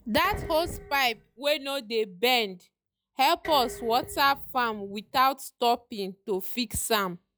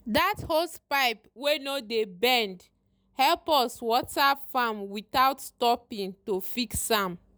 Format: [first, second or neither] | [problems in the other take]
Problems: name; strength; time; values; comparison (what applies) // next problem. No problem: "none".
second | noise reduction (classical method log-MMSE)